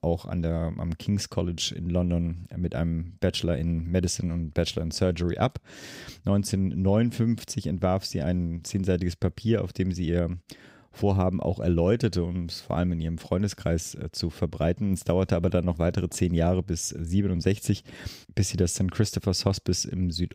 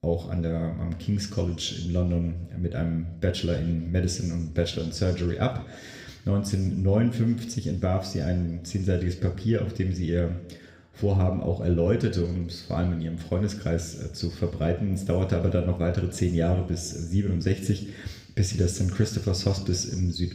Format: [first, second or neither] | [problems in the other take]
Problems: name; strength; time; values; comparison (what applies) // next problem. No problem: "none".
first | room echo; slight; dies away in 0.8 s